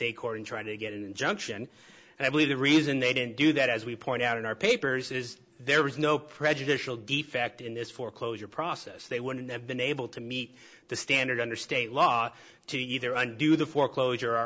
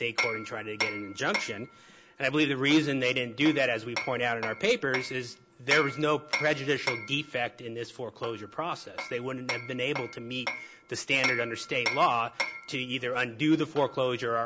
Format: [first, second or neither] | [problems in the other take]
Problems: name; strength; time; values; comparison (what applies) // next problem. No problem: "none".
first | background sound (Hammer); 8 dB below the speech